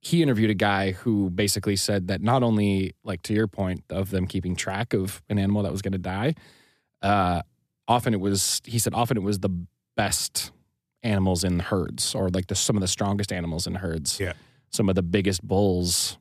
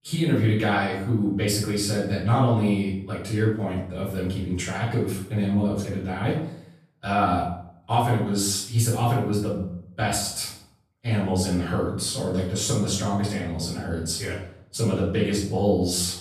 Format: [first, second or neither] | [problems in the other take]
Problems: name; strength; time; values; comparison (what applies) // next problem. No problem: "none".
first | off-mic speech; far // room echo; noticeable; dies away in 0.5 s